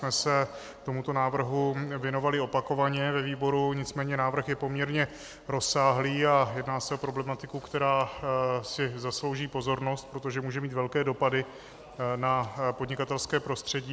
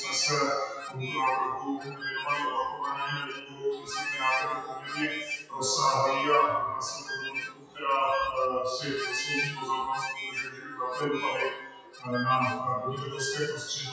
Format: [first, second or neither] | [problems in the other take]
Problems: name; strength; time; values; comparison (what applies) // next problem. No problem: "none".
first | noise reduction (classical method WPE with log-MMSE)